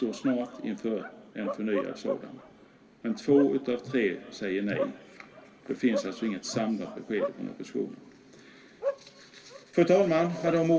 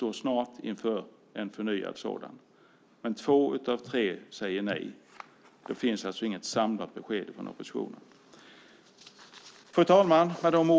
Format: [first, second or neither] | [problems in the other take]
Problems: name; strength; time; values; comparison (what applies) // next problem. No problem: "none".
second | background sound (Bark); 11 dB below the speech // room echo; dies away in 2.3 s